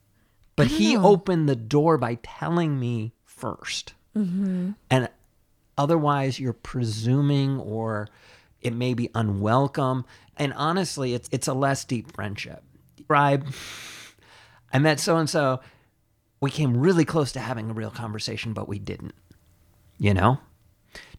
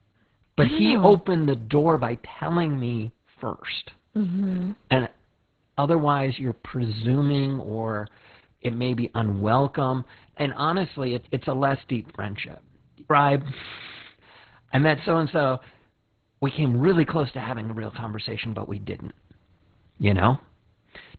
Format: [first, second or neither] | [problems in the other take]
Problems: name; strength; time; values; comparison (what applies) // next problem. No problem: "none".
first | garbled, watery; badly; nothing above 4 kHz